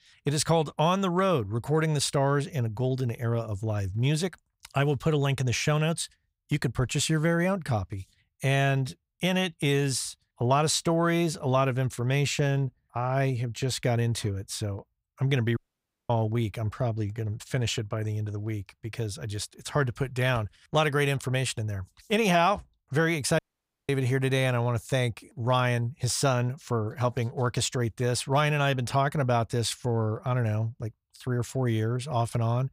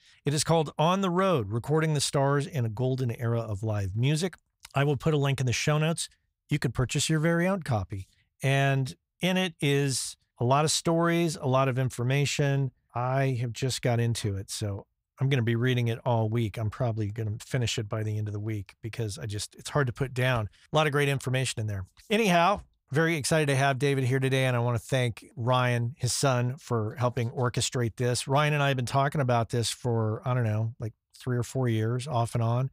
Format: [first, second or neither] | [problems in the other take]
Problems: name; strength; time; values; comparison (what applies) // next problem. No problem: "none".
second | audio cutting out; at 16 s for 0.5 s and at 23 s for 0.5 s